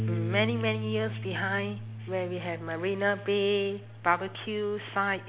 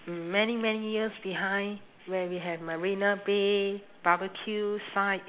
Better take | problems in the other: second | background sound (Bass guitar); 7 dB below the speech

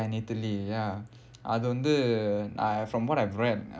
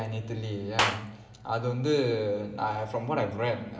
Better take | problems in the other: first | background sound (Clapping); 7 dB below the speech // room echo; dies away in 2.5 s

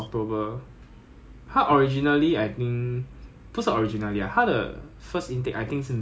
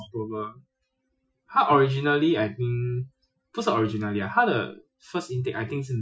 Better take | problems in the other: first | noise reduction (classical method Wiener filter)

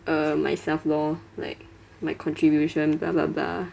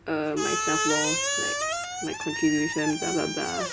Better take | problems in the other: first | background sound (Squeak); 1 dB below the speech

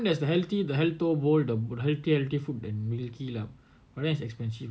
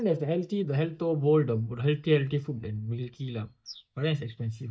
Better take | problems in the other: first | noise reduction (neural mask model DeepFilterNet 3)

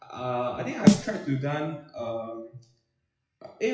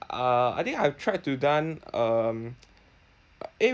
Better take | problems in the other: second | noise reduction (classical method WPE with log-MMSE)

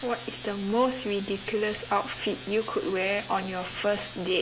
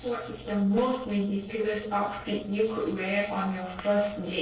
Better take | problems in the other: first | noise reduction (neural separator model SepFormer DNS4)

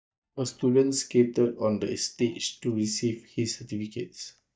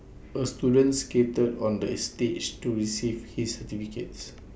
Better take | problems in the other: second | noise reduction (neural mask model DeepFilterNet 3)

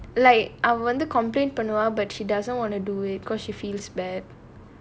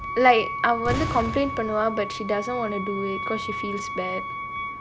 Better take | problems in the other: first | background sound (Wind instrument, woodwind instrument + Boom); 6 dB below the speech

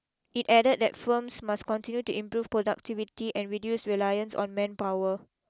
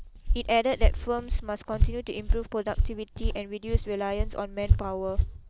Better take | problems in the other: first | background sound (Walk, footsteps); 4 dB above the speech

